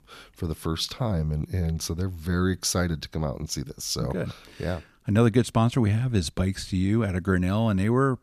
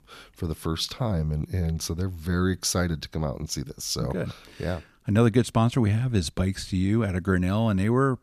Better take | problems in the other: neither | none

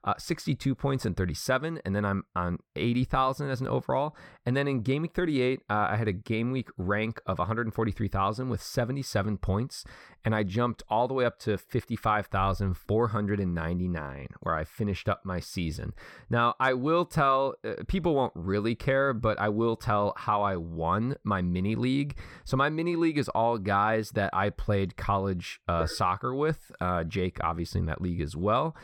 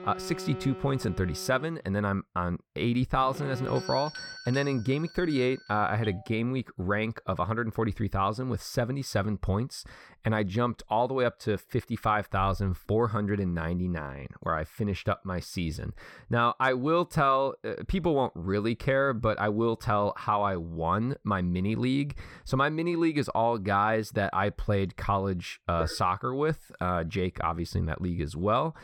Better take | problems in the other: first | alarms or sirens; noticeable; until 6 s; 15 dB below the speech

